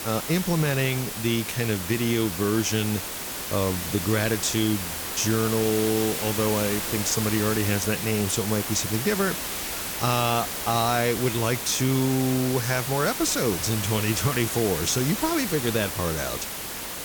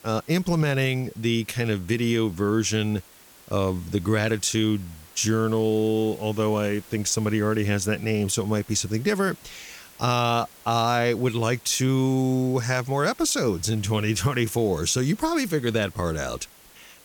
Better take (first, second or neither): second